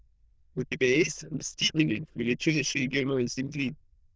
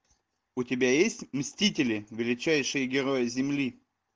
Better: second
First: noise reduction (neural diffusion model UNIVERSE++)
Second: none

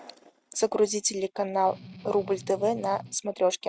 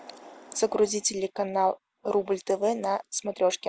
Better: second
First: noise reduction (neural mask model RNNoise)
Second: none

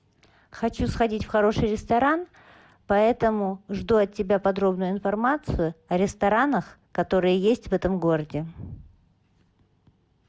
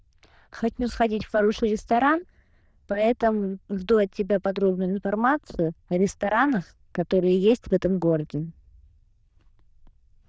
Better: first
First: none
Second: noise reduction (neural diffusion model UNIVERSE++)

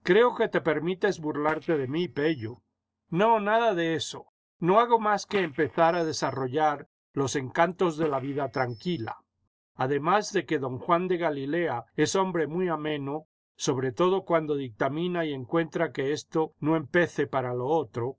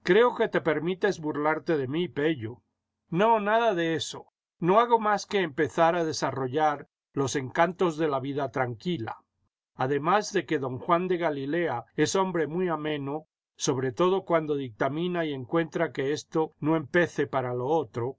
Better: second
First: noise reduction (neural separator model SepFormer DNS4)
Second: none

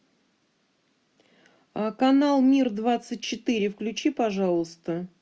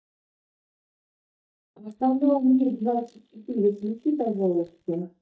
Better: first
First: none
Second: noise reduction (neural mask model DeepFilterNet 3)

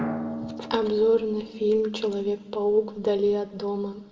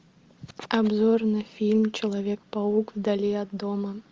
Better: second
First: background sound (Drum); 12 dB below the speech // room echo; dies away in 1.2 s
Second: none

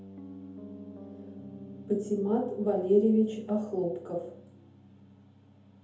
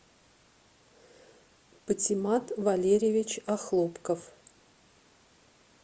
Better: second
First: background sound (Piano); 16 dB below the speech // room echo; dies away in 0.6 s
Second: none

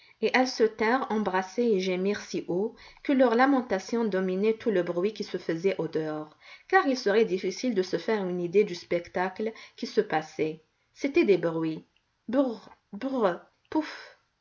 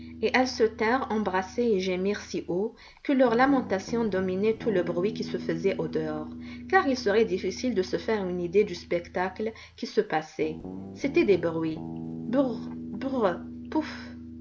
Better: first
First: none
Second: background sound (Guitar); 13 dB below the speech

